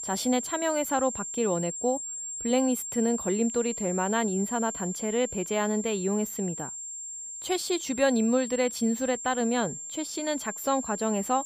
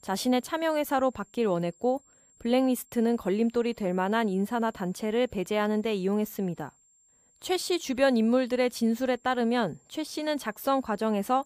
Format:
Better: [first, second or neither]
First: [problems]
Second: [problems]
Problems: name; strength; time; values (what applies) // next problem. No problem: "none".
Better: second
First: high-pitched whine; loud; throughout; 7.5 kHz, 6 dB below the speech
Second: high-pitched whine; faint; throughout; 7.5 kHz, 30 dB below the speech